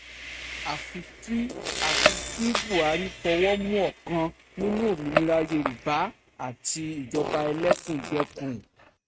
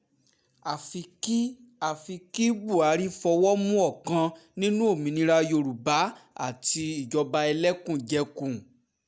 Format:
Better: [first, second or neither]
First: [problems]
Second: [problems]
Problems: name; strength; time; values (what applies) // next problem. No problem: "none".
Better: second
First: noise reduction (neural mask model RNNoise)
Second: none